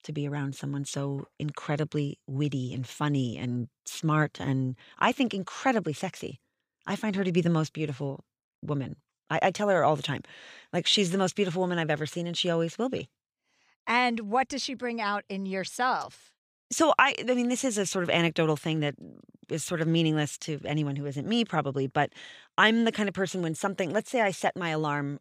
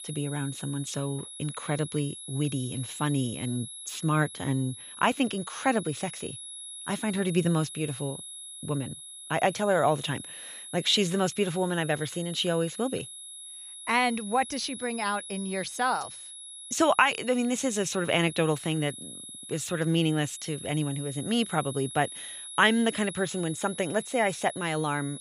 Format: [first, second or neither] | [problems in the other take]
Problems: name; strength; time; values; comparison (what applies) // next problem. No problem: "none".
first | high-pitched whine; noticeable; throughout; 11 kHz, 10 dB below the speech